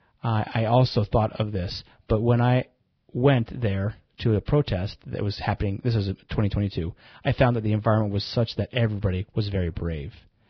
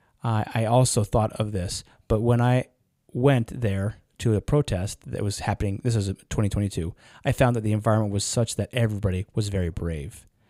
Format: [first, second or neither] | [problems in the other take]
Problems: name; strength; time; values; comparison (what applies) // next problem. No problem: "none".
second | garbled, watery; badly; nothing above 5 kHz